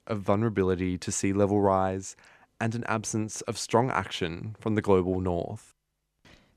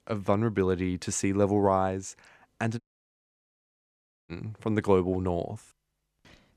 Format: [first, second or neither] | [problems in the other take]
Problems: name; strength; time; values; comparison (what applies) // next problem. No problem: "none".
first | audio cutting out; at 3 s for 1.5 s